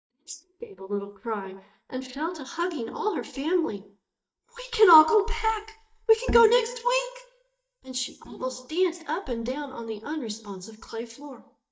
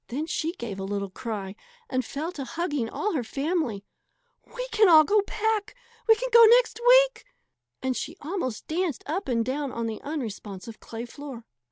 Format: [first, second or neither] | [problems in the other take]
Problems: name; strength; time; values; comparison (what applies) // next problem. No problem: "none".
second | noise reduction (neural mask model DeepFilterNet 3)